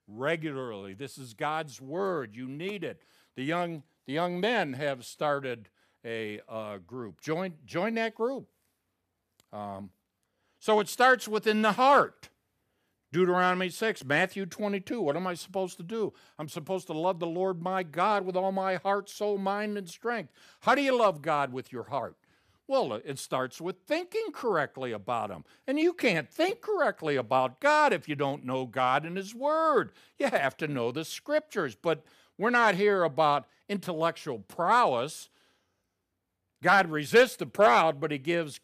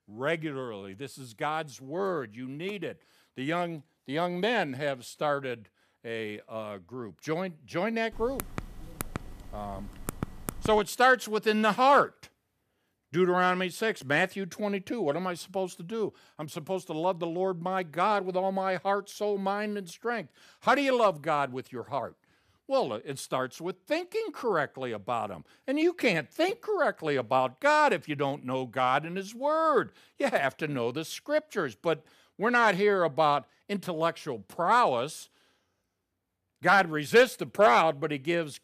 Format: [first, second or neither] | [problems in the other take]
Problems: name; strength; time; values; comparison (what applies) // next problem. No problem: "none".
first | keyboard typing; noticeable; from 8 to 11 s; peak 10 dB below the speech